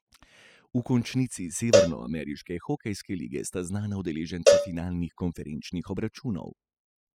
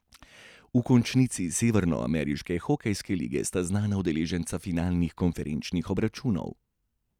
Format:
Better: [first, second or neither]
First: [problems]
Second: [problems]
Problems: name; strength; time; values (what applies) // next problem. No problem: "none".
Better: second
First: noise reduction (classical method spectral subtraction)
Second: none